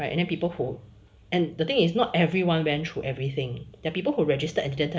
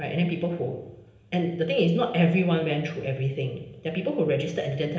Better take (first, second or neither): first